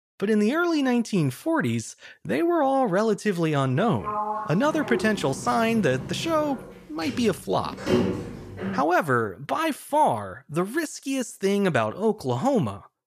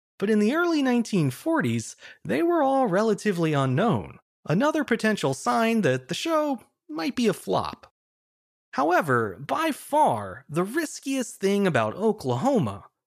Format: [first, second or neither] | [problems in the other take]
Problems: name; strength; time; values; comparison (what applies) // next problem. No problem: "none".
second | door banging; loud; from 4 to 9 s; peak 1 dB above the speech